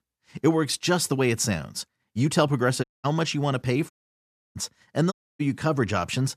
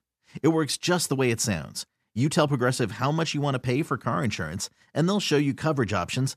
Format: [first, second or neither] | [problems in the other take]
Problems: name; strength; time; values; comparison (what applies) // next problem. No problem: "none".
second | audio cutting out; at 3 s, at 4 s for 0.5 s and at 5 s